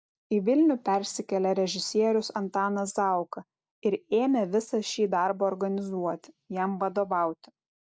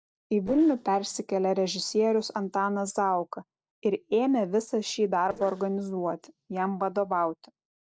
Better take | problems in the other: first | noise reduction (neural separator model SepFormer DNS4)

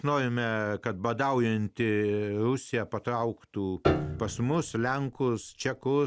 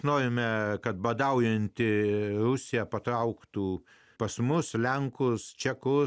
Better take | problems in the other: second | background sound (Piano); 5 dB below the speech

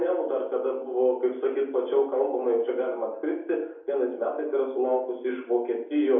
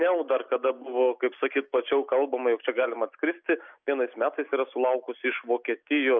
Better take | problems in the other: second | room echo; dies away in 2.6 s

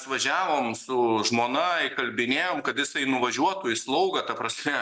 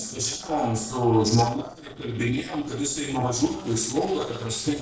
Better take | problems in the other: first | noise reduction (neural separator model SepFormer DNS4)

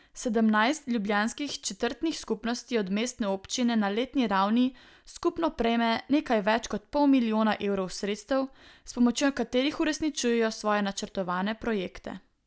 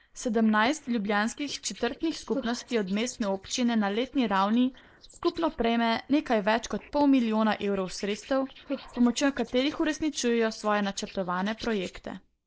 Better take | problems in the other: first | noise reduction (neural mask model Resemble Enhance denoiser)

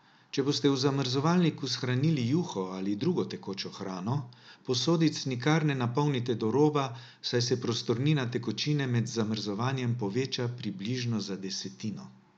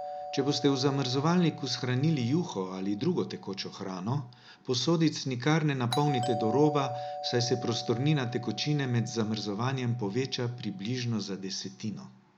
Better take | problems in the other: first | background sound (Doorbell); 12 dB below the speech

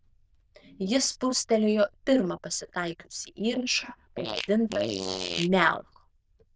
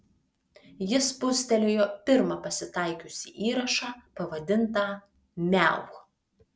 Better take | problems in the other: second | noise reduction (neural diffusion model UNIVERSE++)

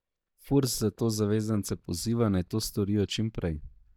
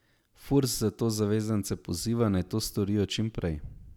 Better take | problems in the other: second | noise reduction (neural mask model DeepFilterNet 3)

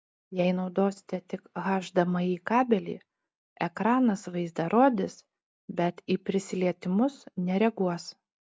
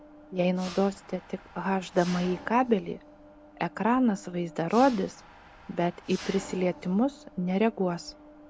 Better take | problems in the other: first | background sound (Mechanisms); 18 dB below the speech

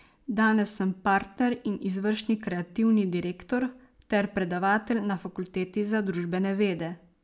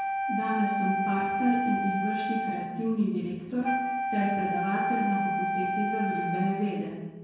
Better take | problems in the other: first | background sound (Wind instrument, woodwind instrument); as loud as the speech // room echo; dies away in 1 s

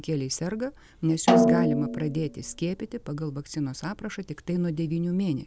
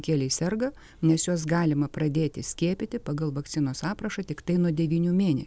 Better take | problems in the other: second | background sound (Snare drum); 3 dB above the speech

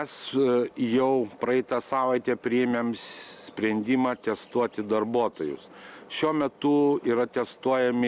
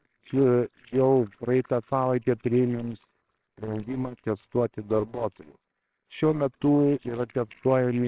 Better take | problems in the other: first | noise reduction (neural separator model SepFormer WHAMR!)

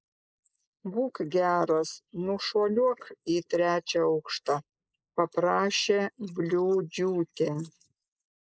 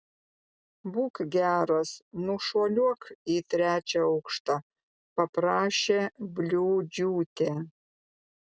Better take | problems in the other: second | noise reduction (neural mask model Resemble Enhance denoiser)

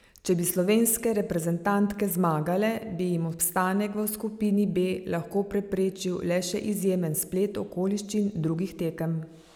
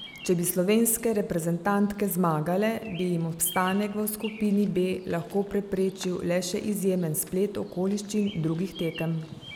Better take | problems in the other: first | background sound (Bird vocalization, bird call, bird song); 19 dB below the speech

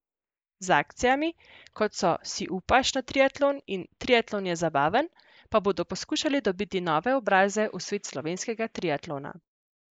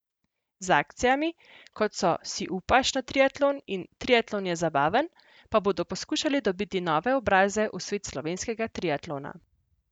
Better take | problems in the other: second | noise reduction (neural mask model Resemble Enhance denoiser)

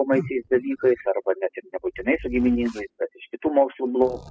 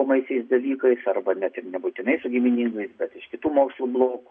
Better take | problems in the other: second | noise reduction (classical method spectral subtraction)

